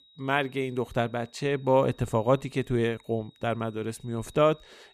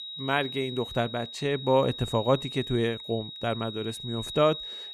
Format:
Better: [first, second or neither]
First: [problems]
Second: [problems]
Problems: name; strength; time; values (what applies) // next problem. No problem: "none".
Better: first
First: high-pitched whine; faint; throughout; 4 kHz, 30 dB below the speech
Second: high-pitched whine; loud; throughout; 4 kHz, 9 dB below the speech